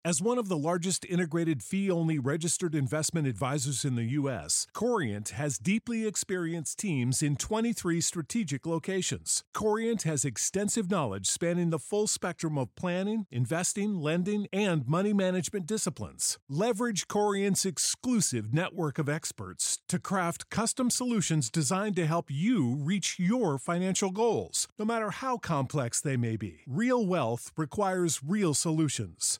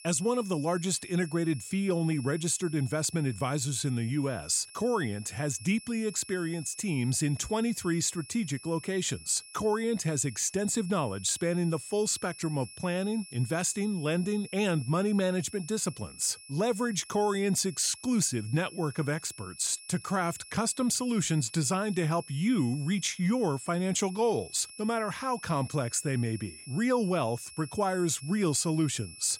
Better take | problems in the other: first | high-pitched whine; noticeable; throughout; 2.5 kHz, 15 dB below the speech

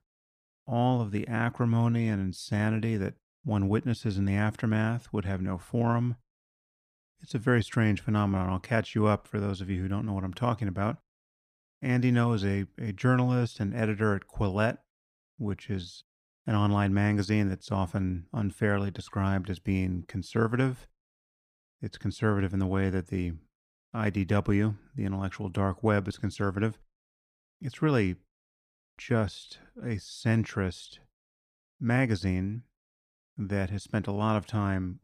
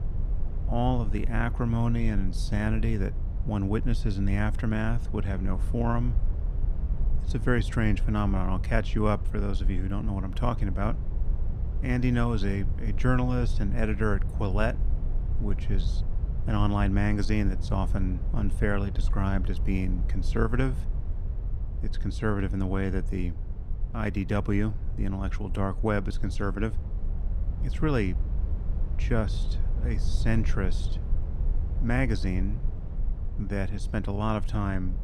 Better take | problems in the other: first | low rumble; noticeable; throughout; 15 dB below the speech

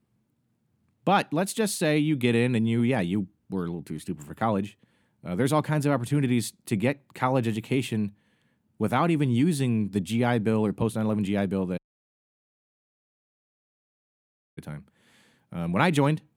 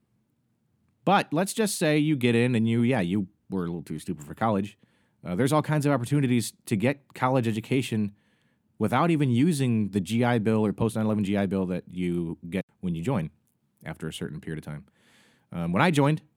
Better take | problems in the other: second | audio cutting out; at 12 s for 3 s

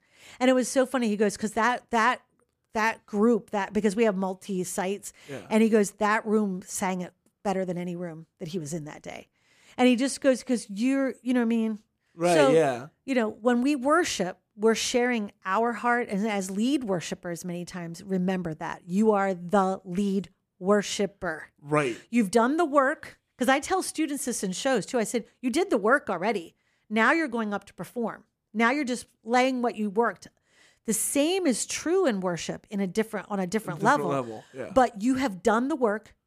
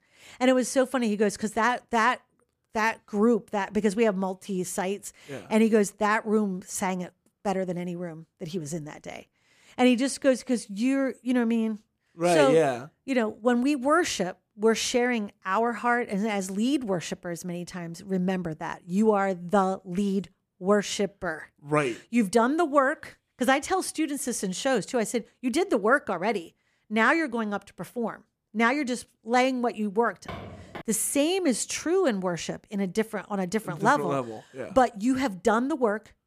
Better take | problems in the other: first | footsteps; faint; at 30 s; peak 15 dB below the speech

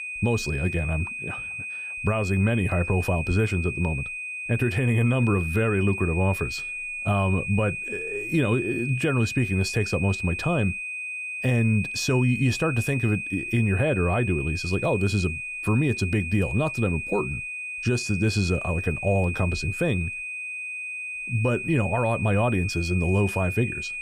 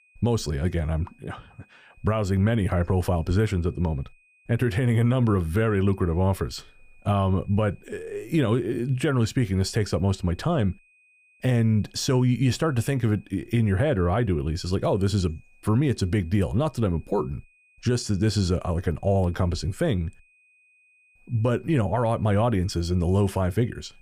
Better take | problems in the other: second | high-pitched whine; loud; throughout; 2.5 kHz, 5 dB below the speech; faint in the second

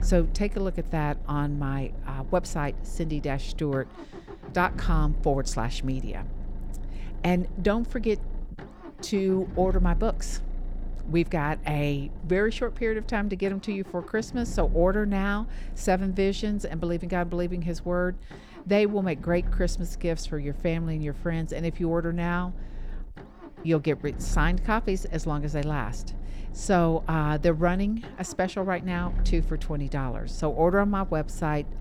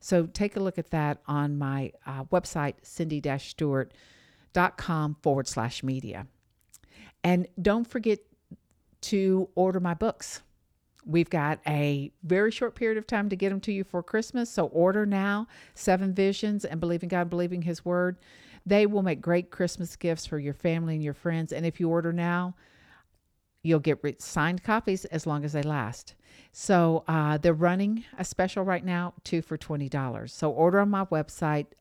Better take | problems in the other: second | low rumble; noticeable; throughout; 20 dB below the speech

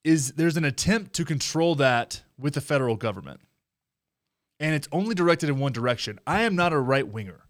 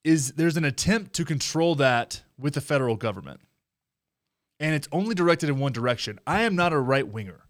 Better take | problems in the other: neither | none

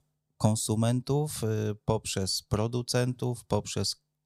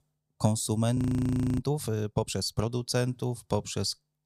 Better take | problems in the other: first | audio freezing; at 1 s for 0.5 s

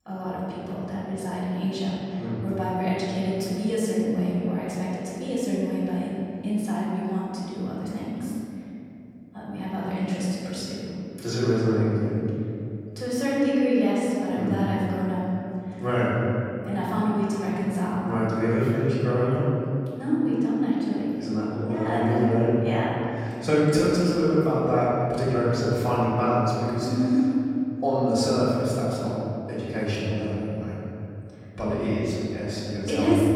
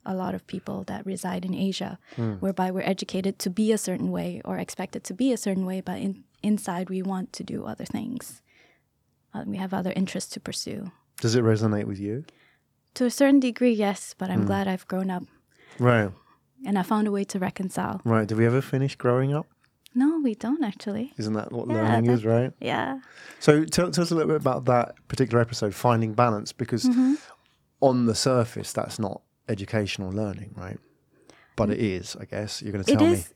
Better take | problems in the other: second | room echo; strong; dies away in 2.9 s // off-mic speech; far

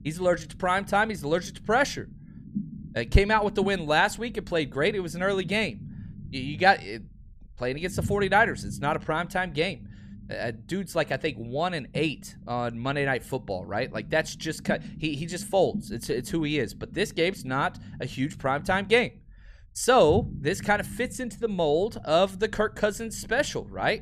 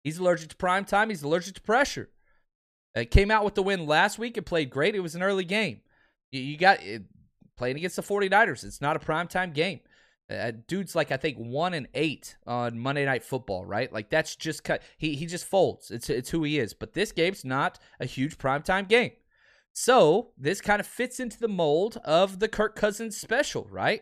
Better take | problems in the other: second | low rumble; faint; throughout; 25 dB below the speech

